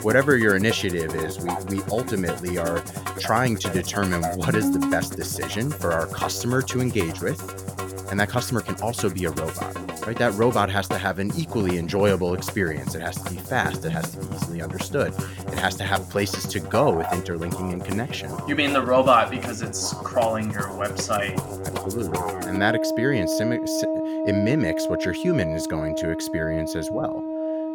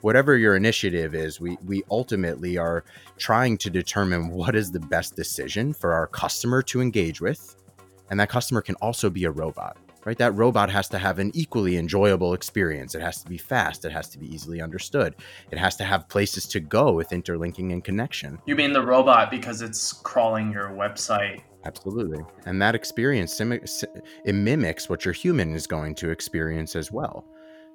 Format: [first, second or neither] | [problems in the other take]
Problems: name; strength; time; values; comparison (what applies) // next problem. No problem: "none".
second | background music; loud; throughout; 5 dB below the speech; faint in the second